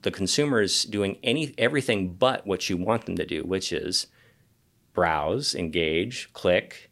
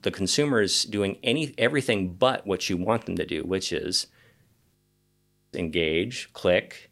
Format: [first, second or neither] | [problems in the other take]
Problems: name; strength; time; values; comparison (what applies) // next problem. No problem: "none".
first | audio freezing; at 5 s for 1 s